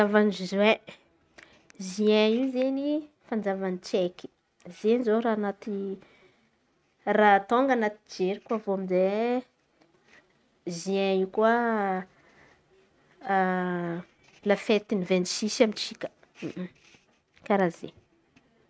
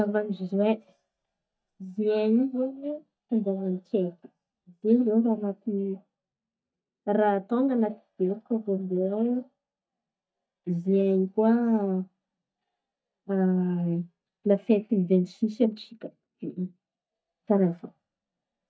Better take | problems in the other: first | noise reduction (neural mask model DeepFilterNet 3)

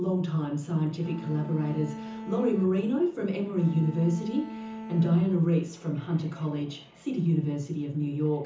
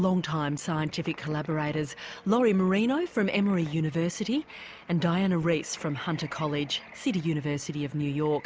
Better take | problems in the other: second | background sound (Bowed string instrument); 12 dB below the speech // room echo; dies away in 0.6 s

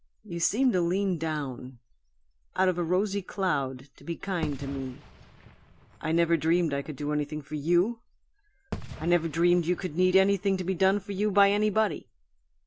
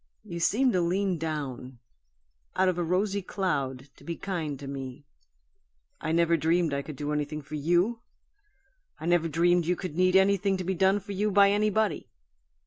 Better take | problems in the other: second | background sound (Fireworks); 16 dB below the speech

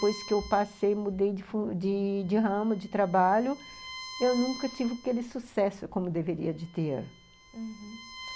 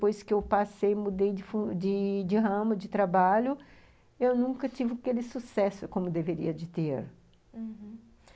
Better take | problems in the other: second | background sound (Bowed string instrument); 17 dB below the speech

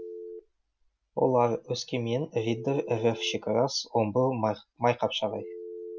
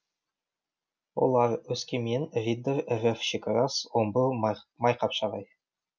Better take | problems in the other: second | background sound (Telephone); 15 dB below the speech

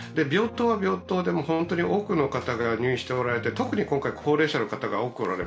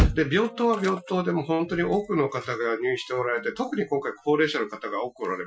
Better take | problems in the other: first | noise reduction (classical method Wiener filter)

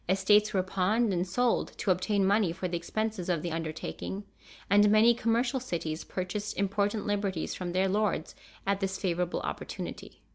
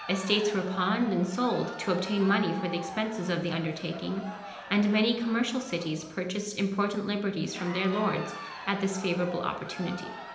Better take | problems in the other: first | background sound (Crowd); 13 dB below the speech // room echo; dies away in 0.9 s

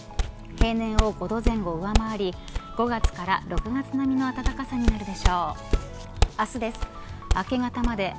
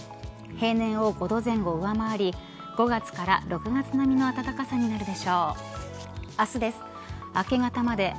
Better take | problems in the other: second | background sound (Walk, footsteps); 1 dB above the speech

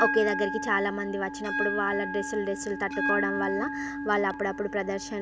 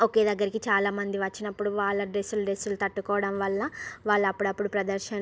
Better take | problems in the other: second | background sound (Bell); 3 dB below the speech

